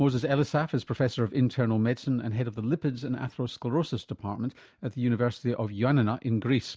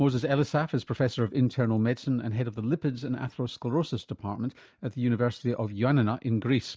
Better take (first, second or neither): first